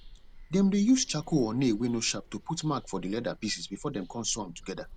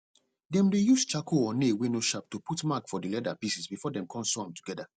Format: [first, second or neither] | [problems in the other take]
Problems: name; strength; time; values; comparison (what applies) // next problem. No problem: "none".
second | background sound (Bird vocalization, bird call, bird song); 19 dB below the speech